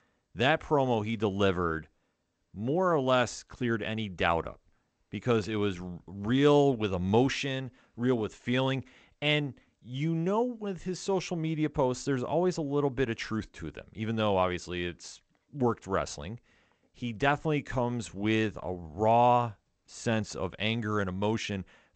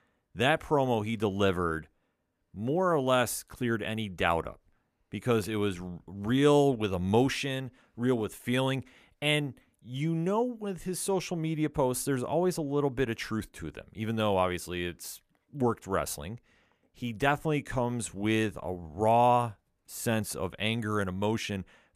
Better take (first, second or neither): second